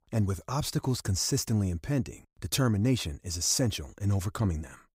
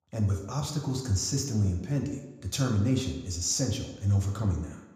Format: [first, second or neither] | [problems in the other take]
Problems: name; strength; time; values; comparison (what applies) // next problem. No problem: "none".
first | room echo; slight; dies away in 0.9 s